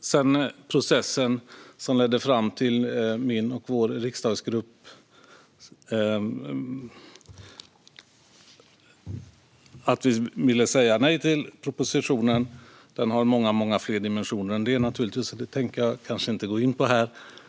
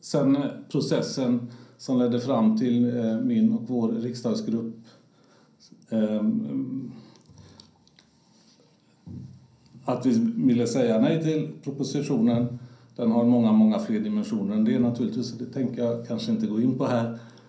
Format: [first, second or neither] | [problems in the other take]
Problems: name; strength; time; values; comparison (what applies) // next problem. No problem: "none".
first | room echo; dies away in 0.6 s